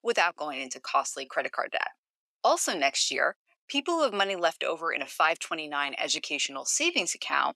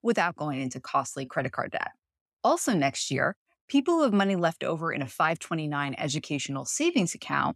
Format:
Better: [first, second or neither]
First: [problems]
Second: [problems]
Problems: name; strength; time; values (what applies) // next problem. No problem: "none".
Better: second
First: thin; somewhat; fading below 400 Hz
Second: none